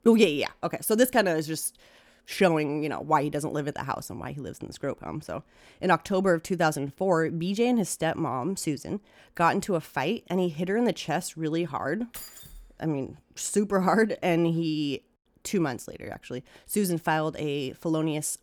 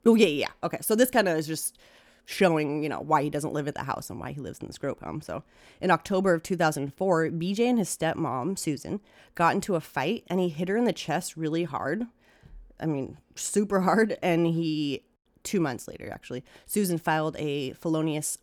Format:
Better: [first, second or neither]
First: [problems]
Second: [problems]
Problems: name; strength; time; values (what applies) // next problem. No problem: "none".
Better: second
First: jangling keys; faint; at 12 s; peak 15 dB below the speech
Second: none